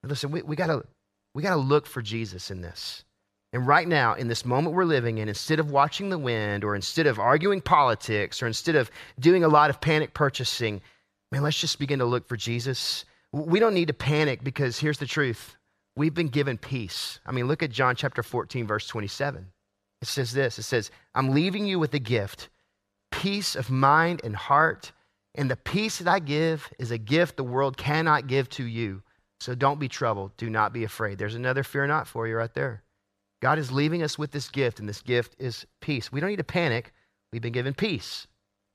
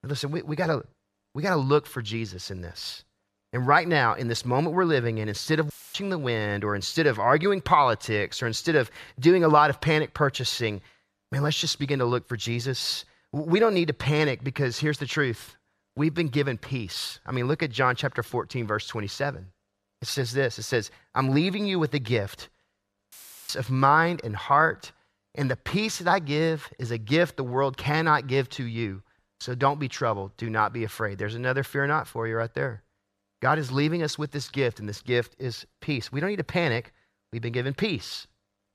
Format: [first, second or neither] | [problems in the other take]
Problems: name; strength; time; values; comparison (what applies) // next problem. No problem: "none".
first | audio cutting out; filled with static; at 5.5 s and at 23 s